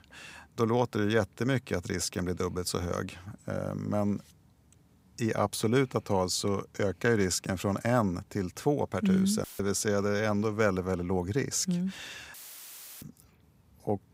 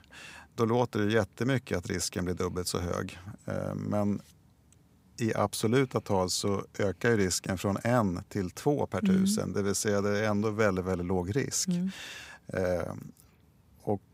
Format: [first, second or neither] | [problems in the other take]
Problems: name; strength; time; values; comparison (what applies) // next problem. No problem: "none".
second | audio cutting out; filled with static; at 9.5 s and at 12 s for 0.5 s